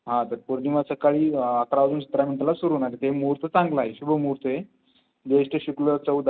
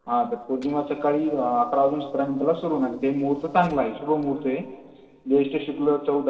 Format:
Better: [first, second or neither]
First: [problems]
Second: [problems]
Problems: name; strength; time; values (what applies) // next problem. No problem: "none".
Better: first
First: none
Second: noise reduction (neural separator model SepFormer DNS4)